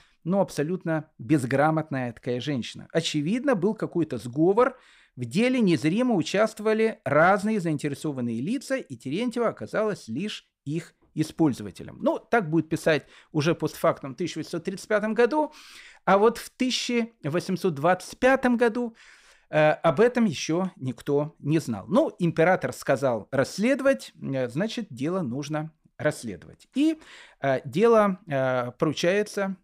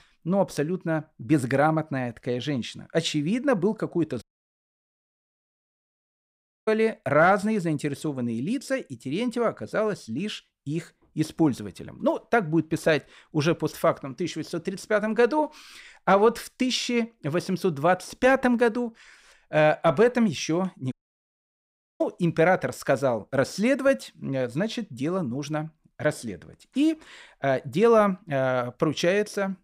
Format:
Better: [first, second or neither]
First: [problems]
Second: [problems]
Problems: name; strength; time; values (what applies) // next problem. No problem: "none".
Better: first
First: none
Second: audio cutting out; at 4 s for 2.5 s and at 21 s for 1 s